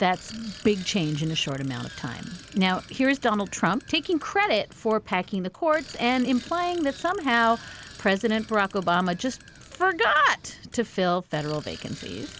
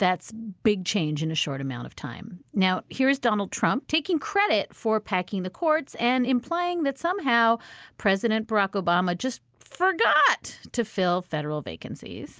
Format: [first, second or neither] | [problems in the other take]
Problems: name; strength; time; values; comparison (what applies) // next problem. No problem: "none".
second | background sound (Bicycle); 19 dB below the speech